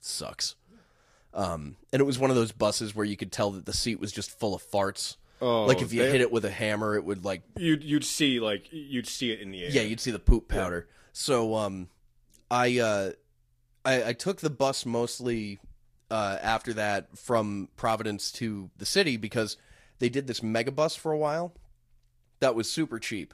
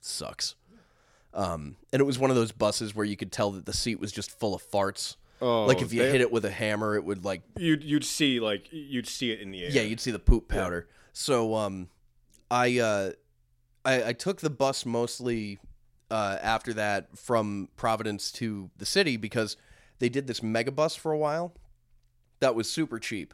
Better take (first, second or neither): second